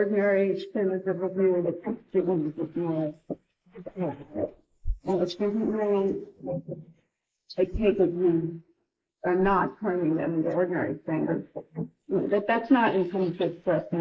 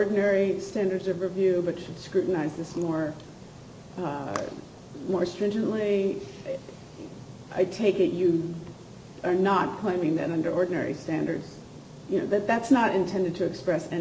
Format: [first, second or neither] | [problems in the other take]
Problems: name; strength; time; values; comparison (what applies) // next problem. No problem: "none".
second | noise reduction (neural mask model Resemble Enhance denoiser)